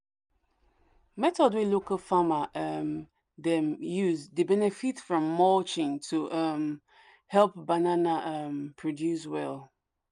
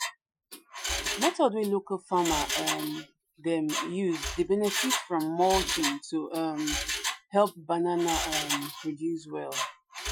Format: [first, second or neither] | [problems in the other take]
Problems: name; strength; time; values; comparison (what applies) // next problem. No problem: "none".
first | noise reduction (classical method Wiener filter)